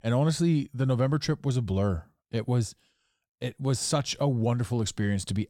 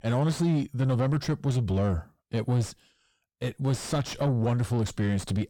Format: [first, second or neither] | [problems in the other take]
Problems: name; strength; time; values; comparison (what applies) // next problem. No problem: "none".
first | distortion; slight; 9 dB below the speech